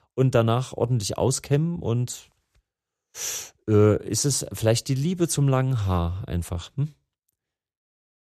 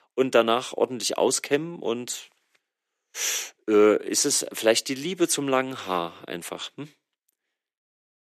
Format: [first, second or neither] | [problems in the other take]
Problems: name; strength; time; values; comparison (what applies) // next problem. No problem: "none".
first | thin; somewhat; fading below 250 Hz